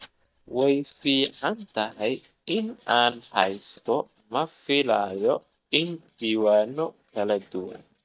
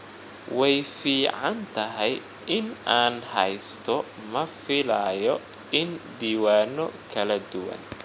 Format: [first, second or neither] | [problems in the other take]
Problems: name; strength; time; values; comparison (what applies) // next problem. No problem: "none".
second | noise reduction (neural mask model DeepFilterNet 3)